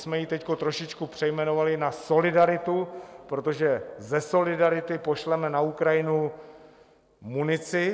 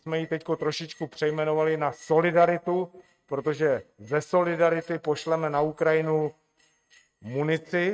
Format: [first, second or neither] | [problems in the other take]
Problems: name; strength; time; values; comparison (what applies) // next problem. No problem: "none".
first | noise reduction (neural mask model RNNoise)